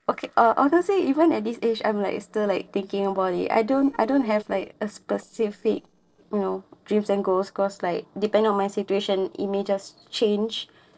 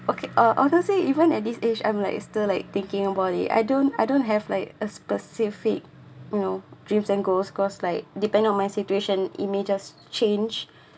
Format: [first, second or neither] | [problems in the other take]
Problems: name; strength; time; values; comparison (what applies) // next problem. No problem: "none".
second | noise reduction (neural separator model SepFormer DNS4)